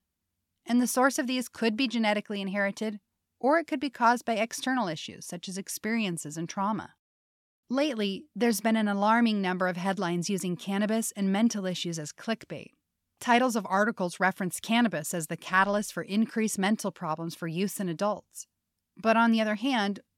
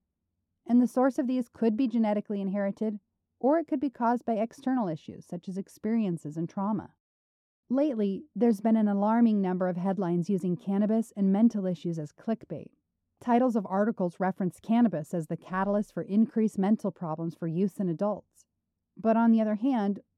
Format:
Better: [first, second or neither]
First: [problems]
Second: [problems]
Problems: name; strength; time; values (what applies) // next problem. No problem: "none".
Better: first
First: none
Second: muffled; very; fading above 1 kHz